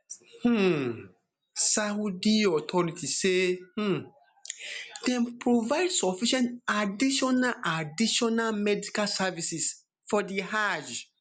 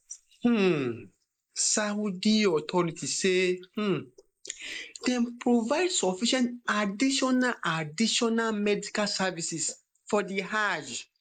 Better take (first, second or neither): first